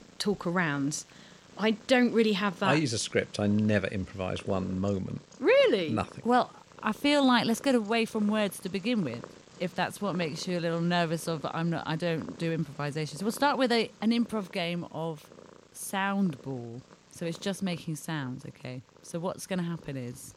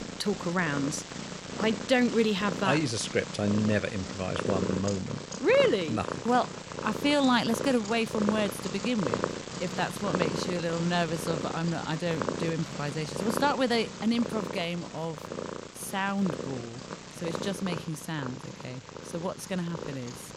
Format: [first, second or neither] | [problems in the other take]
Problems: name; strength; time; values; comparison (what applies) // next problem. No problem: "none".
first | animal sounds; loud; throughout; 7 dB below the speech; faint in the first